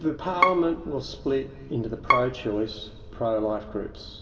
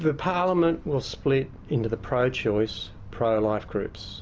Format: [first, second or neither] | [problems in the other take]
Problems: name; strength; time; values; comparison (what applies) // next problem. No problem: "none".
second | background sound (Bowed string instrument); 2 dB below the speech // room echo; dies away in 2.1 s